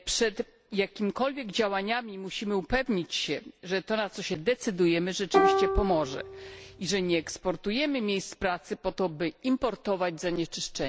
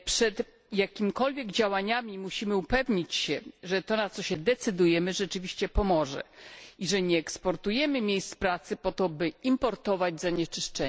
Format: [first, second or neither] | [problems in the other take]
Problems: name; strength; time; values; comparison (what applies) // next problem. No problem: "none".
second | background sound (Plucked string instrument); 1 dB above the speech